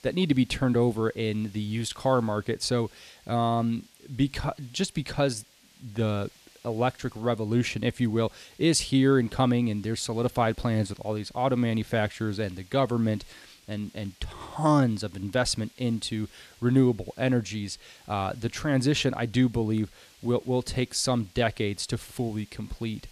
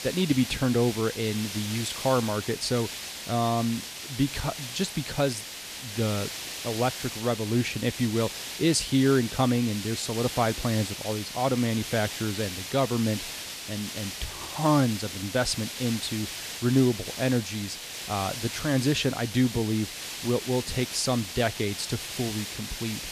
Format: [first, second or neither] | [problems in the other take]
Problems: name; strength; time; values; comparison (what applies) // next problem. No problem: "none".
first | hiss; loud; throughout; 7 dB below the speech; faint in the first